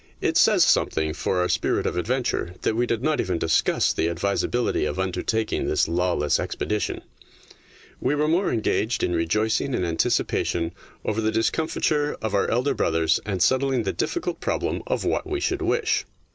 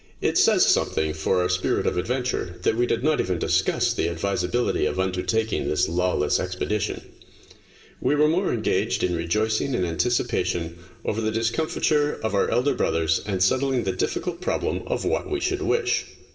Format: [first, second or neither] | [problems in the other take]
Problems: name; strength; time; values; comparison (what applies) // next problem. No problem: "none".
first | room echo; dies away in 1.6 s